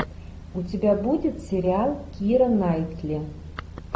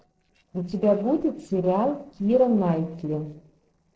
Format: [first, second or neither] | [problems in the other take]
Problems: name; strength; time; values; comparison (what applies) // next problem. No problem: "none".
first | noise reduction (neural separator model SepFormer DNS4)